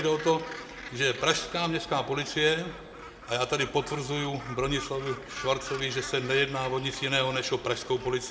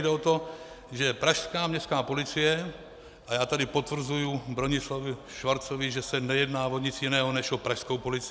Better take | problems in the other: second | background sound (Gull, seagull); 15 dB below the speech // room echo; dies away in 0.5 s

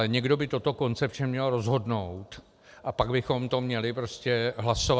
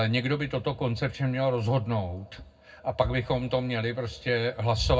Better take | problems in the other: first | room echo; dies away in 0.3 s

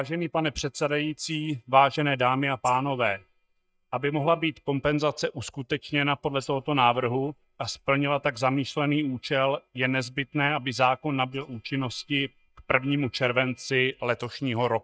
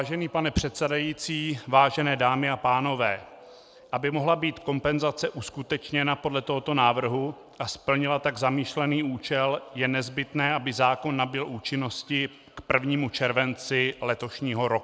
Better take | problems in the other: second | noise reduction (neural mask model DeepFilterNet 3)

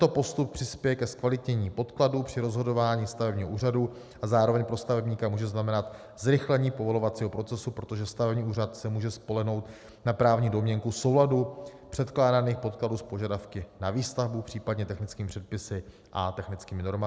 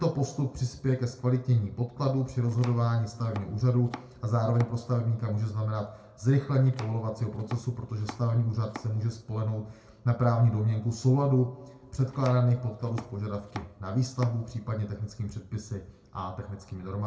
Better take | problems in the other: first | background sound (Domestic sounds, home sounds); 19 dB below the speech // room echo; dies away in 0.3 s

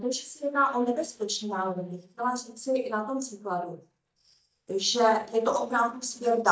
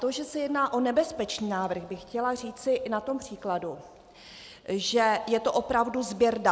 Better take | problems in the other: second | noise reduction (neural mask model DeepFilterNet 3)

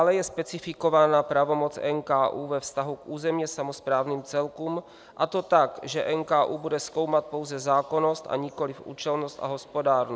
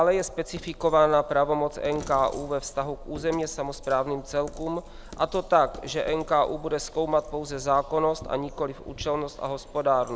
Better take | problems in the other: first | background sound (Coin (dropping)); 17 dB below the speech

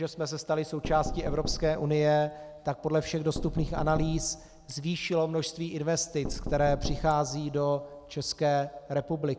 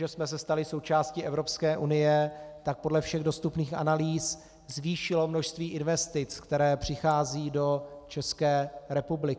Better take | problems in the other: second | background sound (Knock); 8 dB below the speech

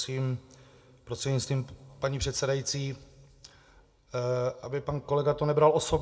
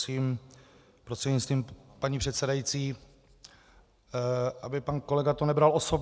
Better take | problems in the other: second | room echo; dies away in 0.8 s

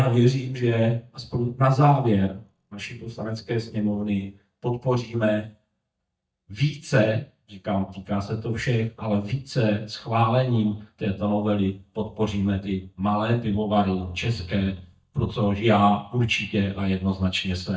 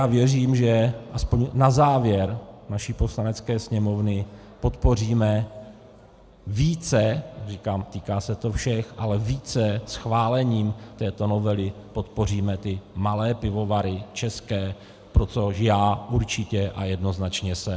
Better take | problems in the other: second | noise reduction (neural mask model DeepFilterNet 3)

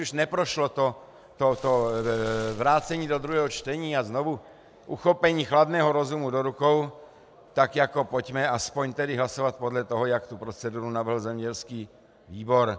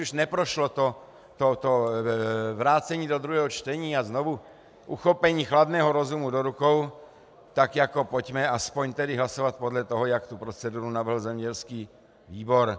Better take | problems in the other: second | background sound (Fire); 18 dB below the speech

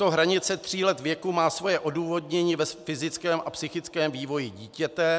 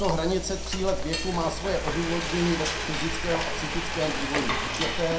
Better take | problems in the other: first | background sound (Frying (food)); 1 dB below the speech // room echo; dies away in 0.4 s

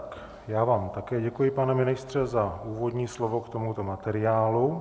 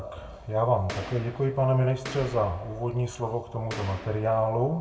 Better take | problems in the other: first | background sound (Boom); 15 dB below the speech // room echo; dies away in 0.2 s

